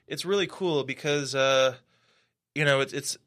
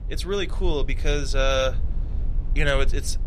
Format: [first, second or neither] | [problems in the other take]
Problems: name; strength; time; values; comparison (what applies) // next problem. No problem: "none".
first | low rumble; faint; throughout; 20 dB below the speech